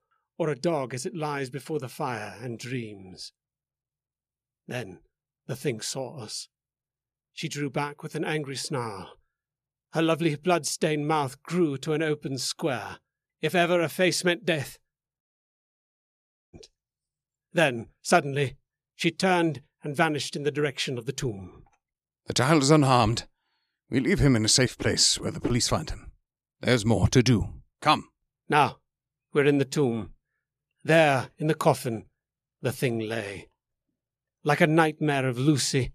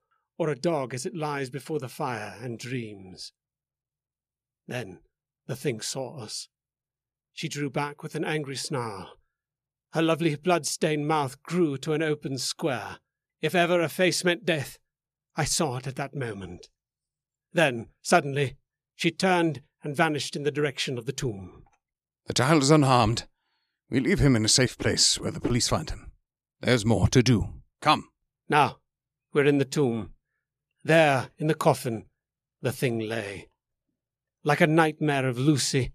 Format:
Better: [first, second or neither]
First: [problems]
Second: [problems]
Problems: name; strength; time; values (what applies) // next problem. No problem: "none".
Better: second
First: audio cutting out; at 15 s for 1.5 s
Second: none